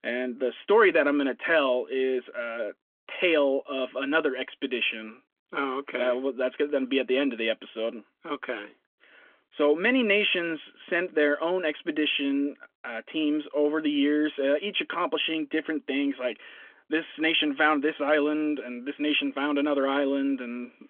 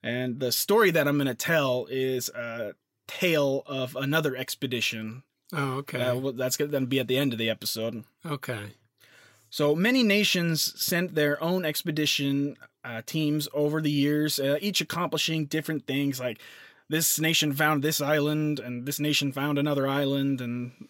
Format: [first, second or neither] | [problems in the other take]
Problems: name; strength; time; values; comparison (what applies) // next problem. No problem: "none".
second | phone-call audio; nothing above 3.5 kHz